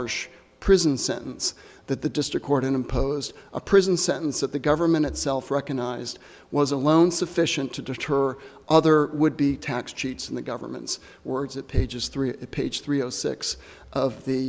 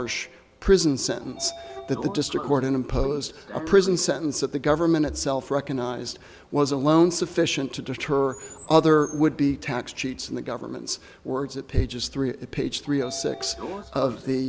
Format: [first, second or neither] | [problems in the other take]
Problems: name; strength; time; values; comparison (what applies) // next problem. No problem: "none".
first | background sound (Sliding door / Train); 17 dB below the speech